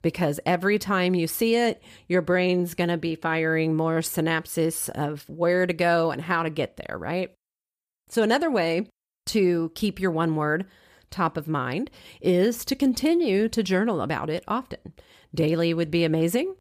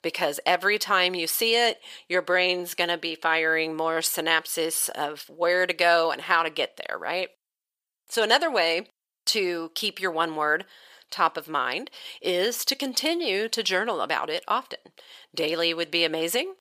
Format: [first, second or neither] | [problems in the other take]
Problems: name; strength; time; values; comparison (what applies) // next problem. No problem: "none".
first | thin; very; fading below 600 Hz